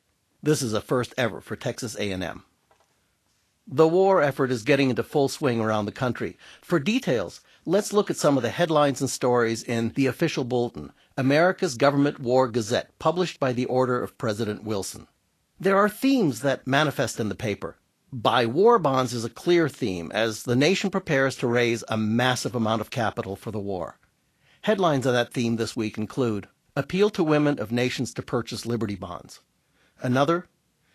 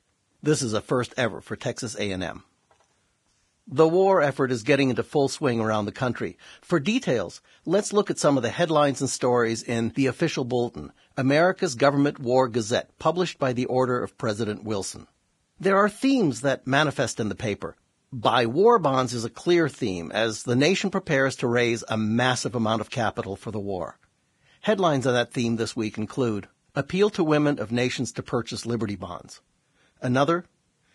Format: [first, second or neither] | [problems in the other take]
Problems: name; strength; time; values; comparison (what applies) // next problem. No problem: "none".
first | garbled, watery; badly; nothing above 10.5 kHz; slightly in the first